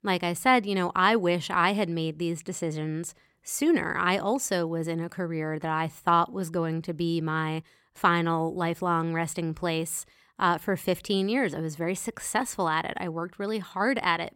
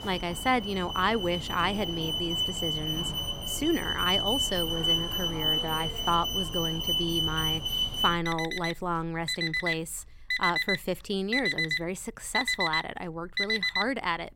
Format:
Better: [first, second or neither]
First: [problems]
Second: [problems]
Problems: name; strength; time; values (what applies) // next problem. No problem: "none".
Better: first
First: none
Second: alarms or sirens; very loud; throughout; 2 dB above the speech